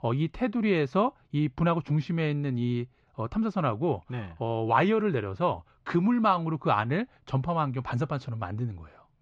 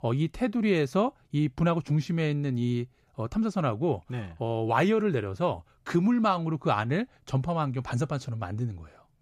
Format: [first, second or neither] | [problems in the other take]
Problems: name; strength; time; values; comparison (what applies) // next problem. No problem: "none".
second | muffled; very slightly; fading above 3.5 kHz